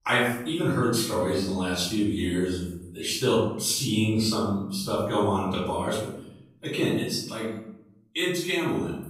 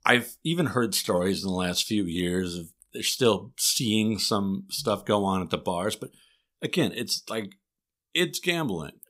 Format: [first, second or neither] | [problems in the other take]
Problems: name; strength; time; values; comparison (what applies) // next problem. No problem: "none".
second | off-mic speech; far // room echo; noticeable; dies away in 0.7 s